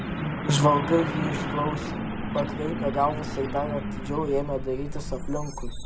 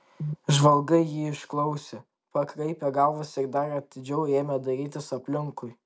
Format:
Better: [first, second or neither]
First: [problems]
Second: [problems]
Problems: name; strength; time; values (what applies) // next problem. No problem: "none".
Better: second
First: background sound (Truck); 3 dB below the speech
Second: none